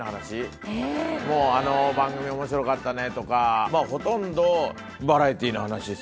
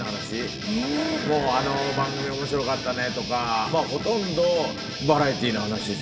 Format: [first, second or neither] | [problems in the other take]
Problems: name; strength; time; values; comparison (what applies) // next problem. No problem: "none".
first | background sound (Guitar); 9 dB below the speech // room echo; dies away in 2.1 s